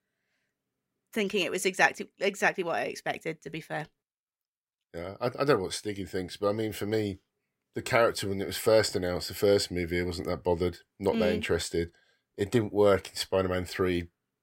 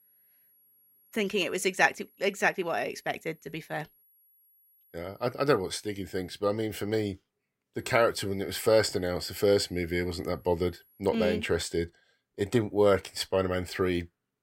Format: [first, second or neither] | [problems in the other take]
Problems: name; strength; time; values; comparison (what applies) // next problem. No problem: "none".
first | high-pitched whine; faint; until 6.5 s and from 8 to 11 s; 11.5 kHz, 30 dB below the speech